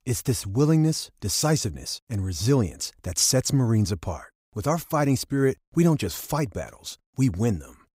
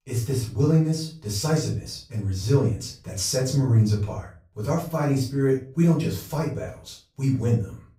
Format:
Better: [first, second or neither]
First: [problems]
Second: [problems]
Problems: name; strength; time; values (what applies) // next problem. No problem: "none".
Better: first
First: none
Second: off-mic speech; far // room echo; slight; dies away in 0.3 s